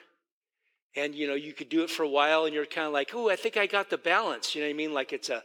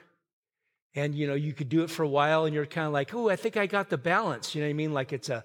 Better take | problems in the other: second | thin; somewhat; fading below 250 Hz

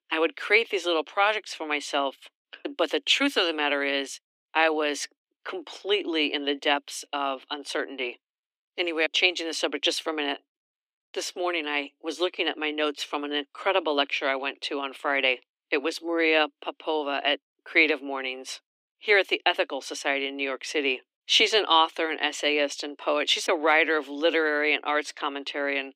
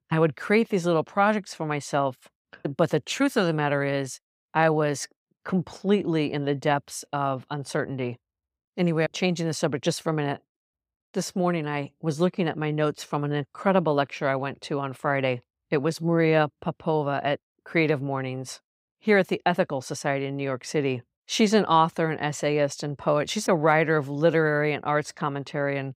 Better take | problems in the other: second | thin; somewhat; fading below 300 Hz

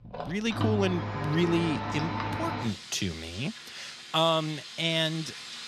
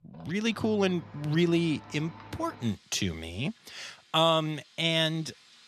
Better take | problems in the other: second | household noises; loud; throughout; 6 dB below the speech; faint in the second

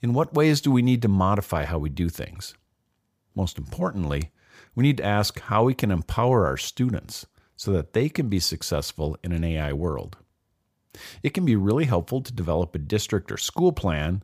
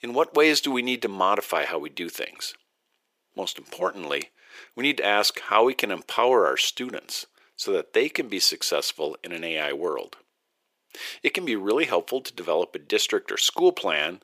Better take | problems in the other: first | thin; very; fading below 350 Hz

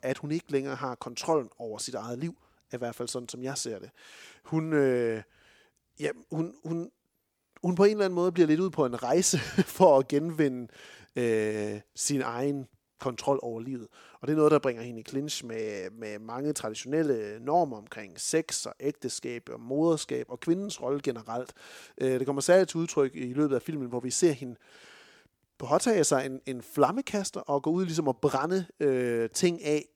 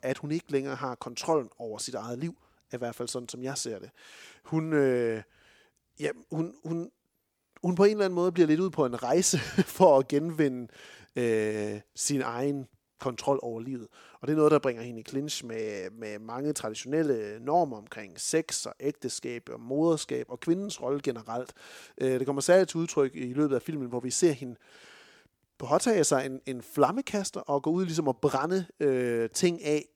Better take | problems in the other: neither | none

